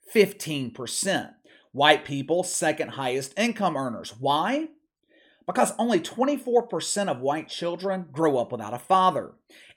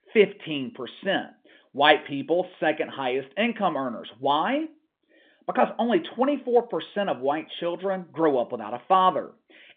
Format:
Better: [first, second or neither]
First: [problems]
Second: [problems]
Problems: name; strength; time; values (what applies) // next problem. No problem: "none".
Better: first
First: none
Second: phone-call audio; nothing above 3.5 kHz